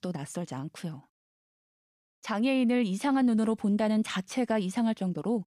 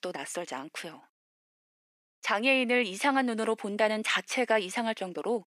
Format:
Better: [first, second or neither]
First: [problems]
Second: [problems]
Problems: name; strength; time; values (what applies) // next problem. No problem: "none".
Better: first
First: none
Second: thin; somewhat; fading below 350 Hz